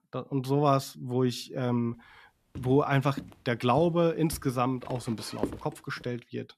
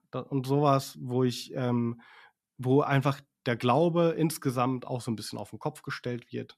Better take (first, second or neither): second